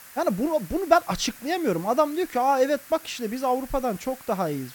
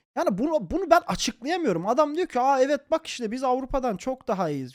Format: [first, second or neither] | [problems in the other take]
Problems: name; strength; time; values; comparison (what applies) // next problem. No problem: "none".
second | hiss; noticeable; throughout; 20 dB below the speech